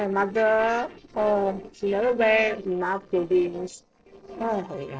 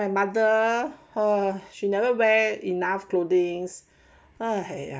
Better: second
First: noise reduction (neural separator model SepFormer DNS4)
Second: none

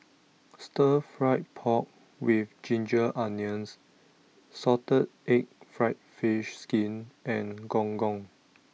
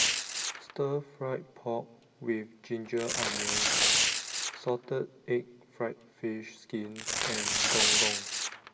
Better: first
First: none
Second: background sound (Tearing); 4 dB above the speech // room echo; dies away in 0.2 s

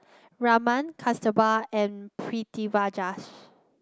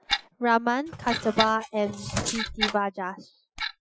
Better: first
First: none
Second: noise reduction (classical method Wiener filter)

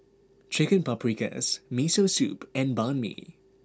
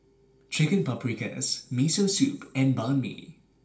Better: first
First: none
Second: room echo; dies away in 0.3 s

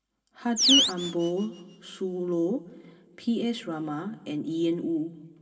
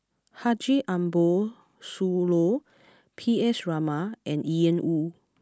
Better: second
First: background sound (Animal); as loud as the speech // room echo; dies away in 1.9 s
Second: none

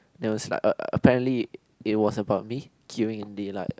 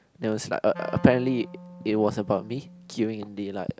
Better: first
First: none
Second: background sound (Wind instrument, woodwind instrument); 18 dB below the speech

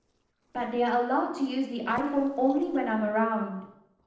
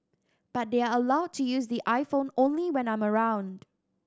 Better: second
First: noise reduction (neural separator model SepFormer DNS4)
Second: none

